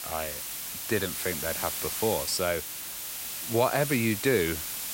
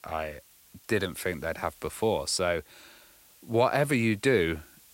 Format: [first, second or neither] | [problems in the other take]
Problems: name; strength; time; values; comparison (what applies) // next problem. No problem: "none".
second | hiss; loud; throughout; 3 dB below the speech; faint in the second